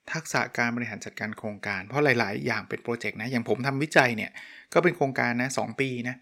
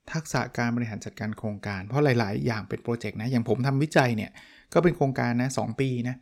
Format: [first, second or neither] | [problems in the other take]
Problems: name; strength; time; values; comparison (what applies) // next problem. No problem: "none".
second | thin; very slightly; fading below 600 Hz